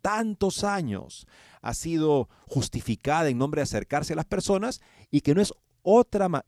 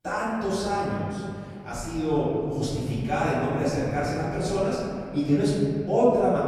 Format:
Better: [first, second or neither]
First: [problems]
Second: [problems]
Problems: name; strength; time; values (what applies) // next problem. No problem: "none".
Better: first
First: none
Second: off-mic speech; far // room echo; strong; dies away in 2.5 s